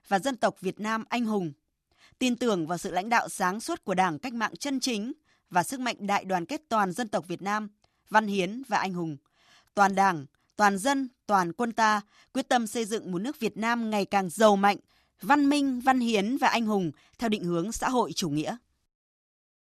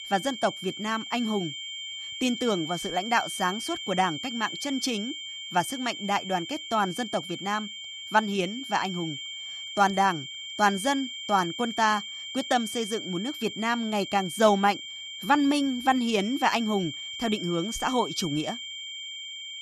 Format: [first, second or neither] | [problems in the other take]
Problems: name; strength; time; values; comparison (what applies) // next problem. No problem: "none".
first | high-pitched whine; loud; throughout; 3 kHz, 8 dB below the speech